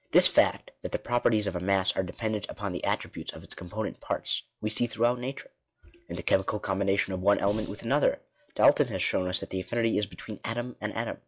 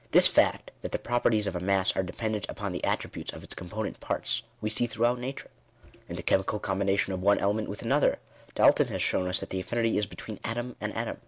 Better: second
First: noise reduction (classical method log-MMSE)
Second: none

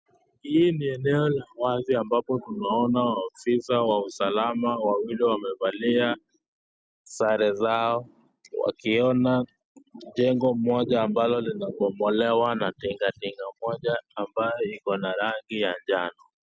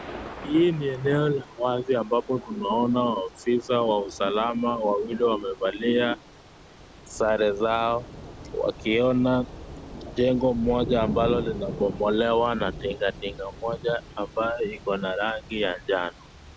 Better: first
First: none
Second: background sound (Thunder / Rain); 15 dB below the speech

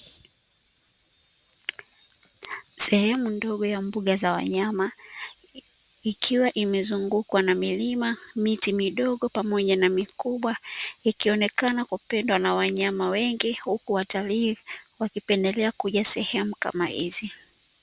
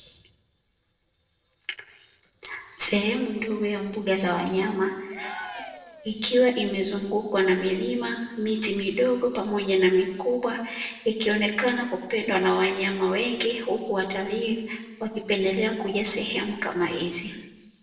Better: first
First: none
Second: noise reduction (neural separator model SepFormer DNS4)

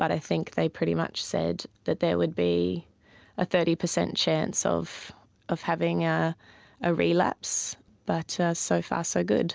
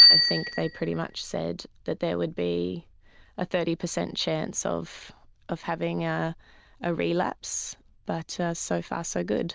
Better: first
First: none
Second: noise reduction (neural diffusion model UNIVERSE++)

